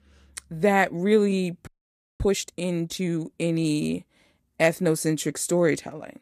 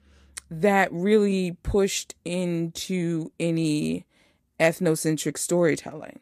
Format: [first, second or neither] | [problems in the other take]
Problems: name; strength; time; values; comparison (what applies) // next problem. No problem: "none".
second | audio freezing; at 1.5 s for 0.5 s